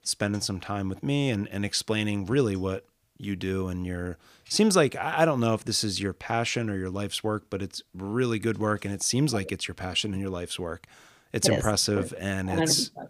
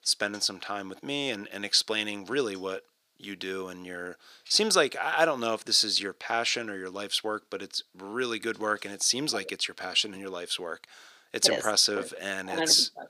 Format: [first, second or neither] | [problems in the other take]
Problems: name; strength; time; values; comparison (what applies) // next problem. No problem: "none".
first | thin; somewhat; fading below 400 Hz